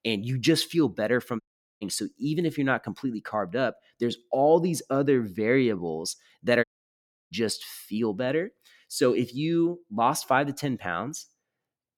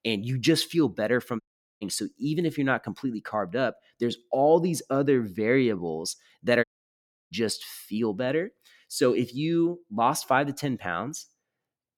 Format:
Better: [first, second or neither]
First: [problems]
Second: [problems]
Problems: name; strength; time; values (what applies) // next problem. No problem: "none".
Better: neither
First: audio cutting out; at 1.5 s and at 6.5 s for 0.5 s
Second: audio cutting out; at 1.5 s and at 6.5 s for 0.5 s